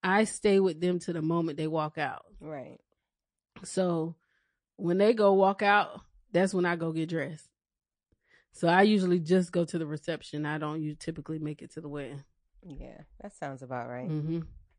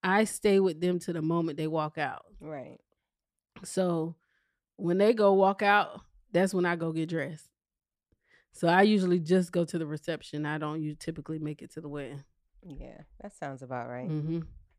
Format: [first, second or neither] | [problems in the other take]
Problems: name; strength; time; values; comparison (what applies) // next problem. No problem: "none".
second | garbled, watery; slightly; nothing above 9 kHz